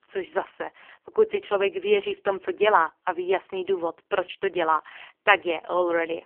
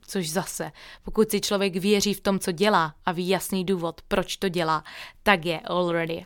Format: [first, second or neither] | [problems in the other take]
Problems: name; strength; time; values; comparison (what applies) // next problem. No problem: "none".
second | phone-call audio; poor line; nothing above 3 kHz